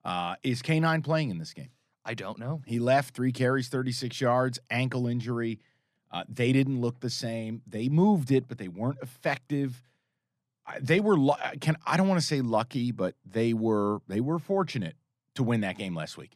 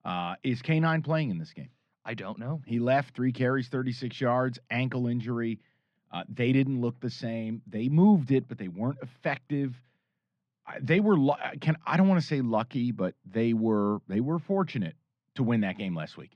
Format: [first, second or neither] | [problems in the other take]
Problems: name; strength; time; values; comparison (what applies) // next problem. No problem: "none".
first | muffled; slightly; fading above 3 kHz